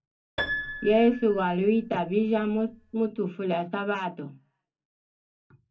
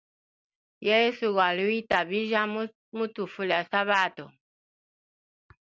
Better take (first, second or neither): second